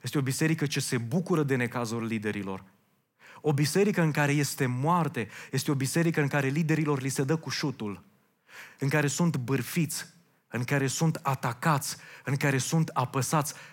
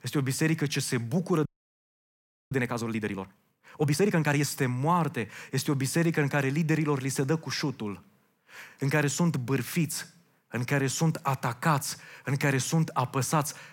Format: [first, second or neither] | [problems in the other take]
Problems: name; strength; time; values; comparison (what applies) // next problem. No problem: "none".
first | audio freezing; at 1.5 s for 1 s